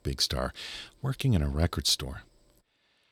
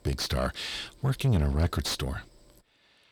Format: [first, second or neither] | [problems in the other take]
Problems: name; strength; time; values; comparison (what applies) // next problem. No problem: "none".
first | distortion; heavy; 7 dB below the speech